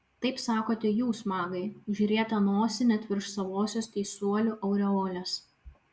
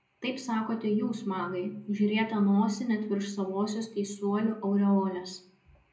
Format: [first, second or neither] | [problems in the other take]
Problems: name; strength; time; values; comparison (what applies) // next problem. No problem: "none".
first | room echo; dies away in 0.5 s